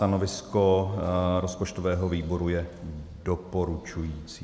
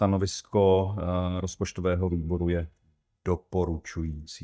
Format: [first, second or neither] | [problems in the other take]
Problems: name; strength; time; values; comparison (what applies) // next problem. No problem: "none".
first | noise reduction (neural mask model DeepFilterNet 3)